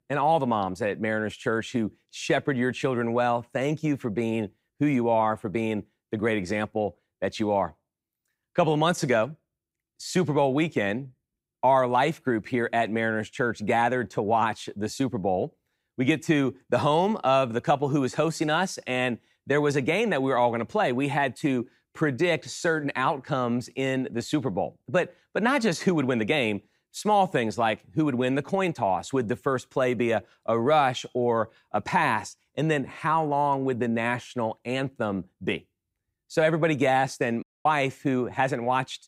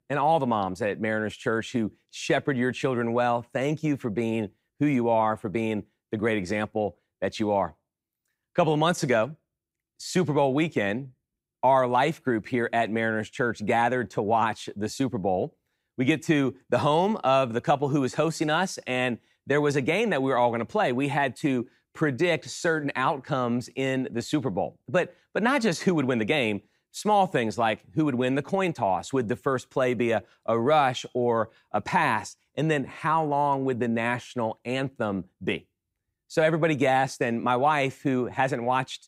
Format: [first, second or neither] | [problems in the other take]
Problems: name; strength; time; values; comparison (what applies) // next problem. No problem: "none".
second | audio cutting out; at 37 s